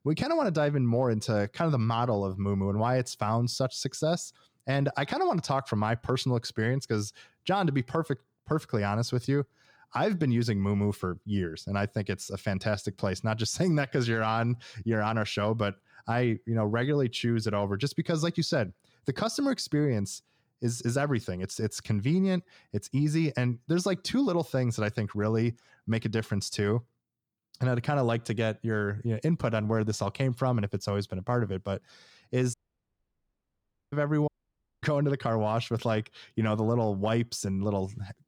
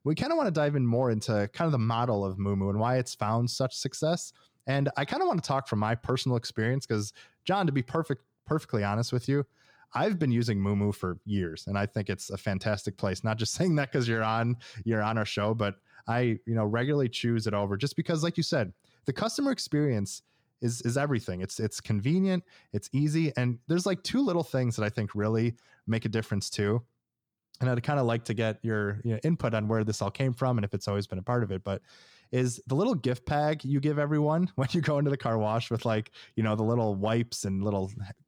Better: second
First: audio cutting out; at 33 s for 1.5 s and at 34 s for 0.5 s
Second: none

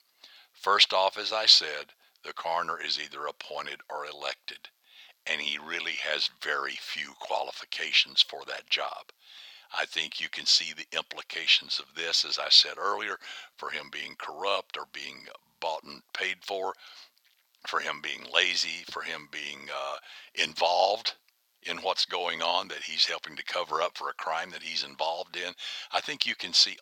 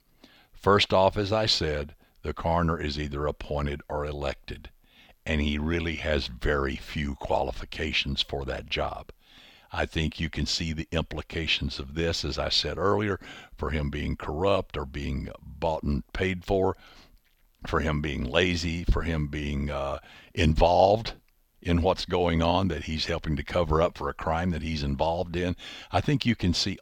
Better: second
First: thin; very; fading below 850 Hz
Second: none

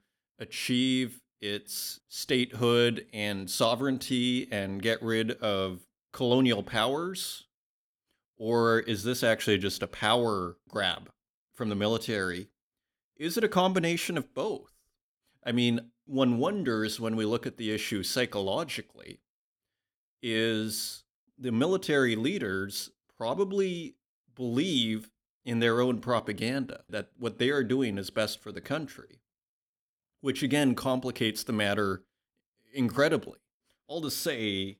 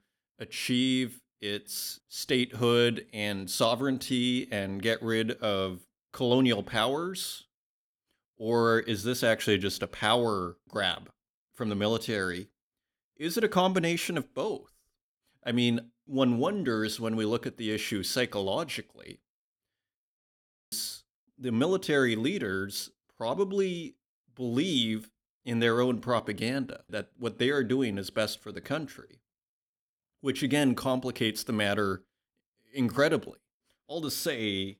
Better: first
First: none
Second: audio cutting out; at 20 s for 0.5 s

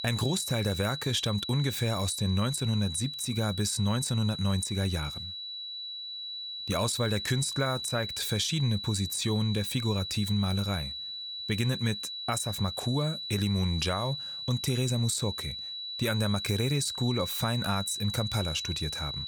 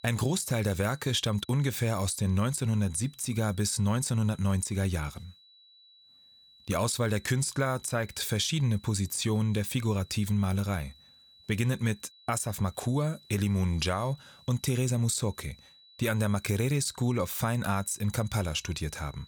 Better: second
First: high-pitched whine; loud; throughout; 4 kHz, 5 dB below the speech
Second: high-pitched whine; faint; throughout; 4 kHz, 25 dB below the speech

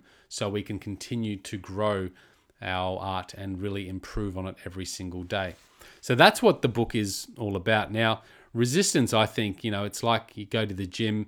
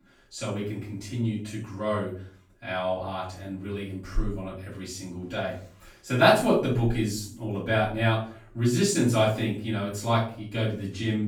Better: first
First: none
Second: off-mic speech; far // room echo; noticeable; dies away in 0.4 s

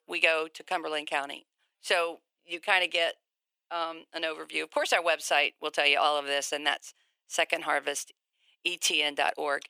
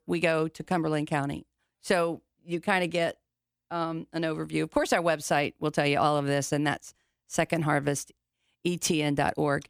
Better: second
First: thin; very; fading below 500 Hz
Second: none

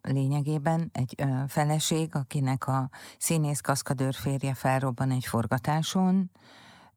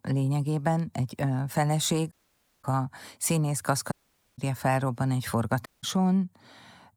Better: first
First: none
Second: audio cutting out; at 2 s for 0.5 s, at 4 s and at 5.5 s

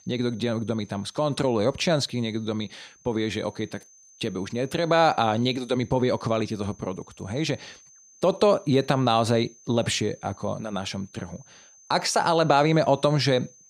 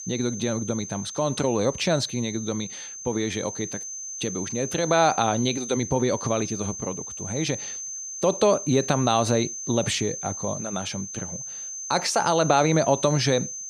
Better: first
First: high-pitched whine; faint; throughout; 6.5 kHz, 25 dB below the speech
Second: high-pitched whine; loud; throughout; 6.5 kHz, 8 dB below the speech

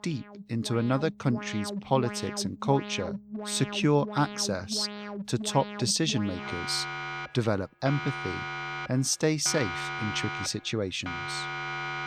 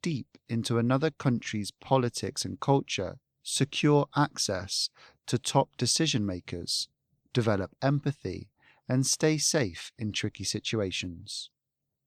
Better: second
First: alarms or sirens; loud; throughout; 7 dB below the speech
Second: none

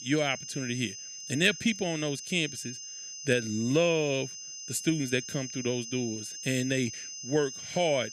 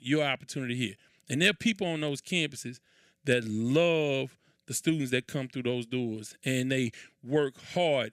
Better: second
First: high-pitched whine; loud; throughout; 6.5 kHz, 9 dB below the speech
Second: none

